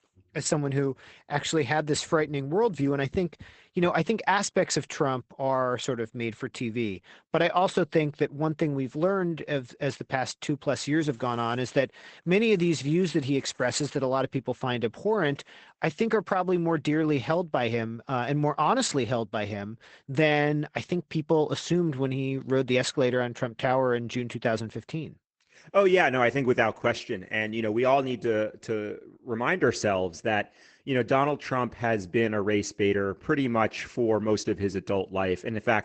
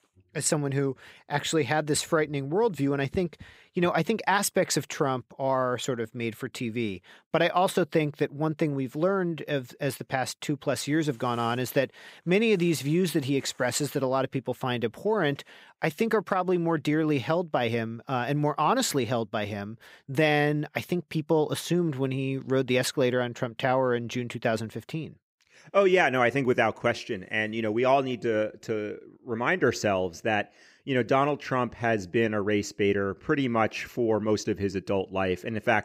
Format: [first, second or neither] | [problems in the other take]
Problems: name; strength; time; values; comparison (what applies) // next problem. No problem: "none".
second | garbled, watery; badly; nothing above 8 kHz